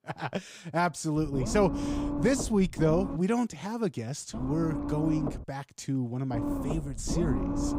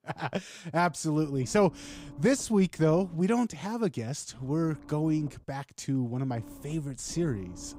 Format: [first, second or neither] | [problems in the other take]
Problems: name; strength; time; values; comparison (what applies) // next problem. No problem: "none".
second | low rumble; loud; from 1 to 3 s, from 4.5 to 5.5 s and from 6.5 s on; 6 dB below the speech; faint in the second